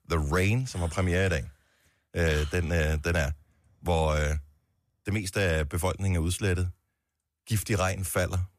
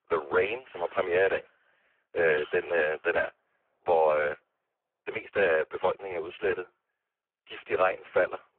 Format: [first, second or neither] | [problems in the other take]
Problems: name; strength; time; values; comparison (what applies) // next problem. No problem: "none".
first | phone-call audio; poor line